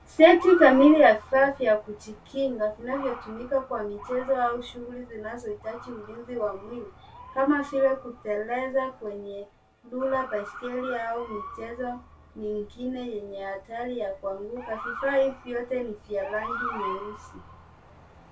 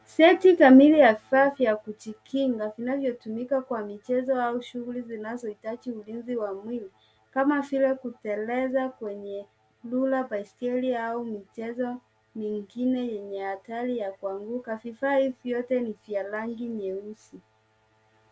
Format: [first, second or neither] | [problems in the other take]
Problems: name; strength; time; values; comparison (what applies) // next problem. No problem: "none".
second | background sound (Motor vehicle (road) / Siren); 15 dB below the speech // room echo; dies away in 0.2 s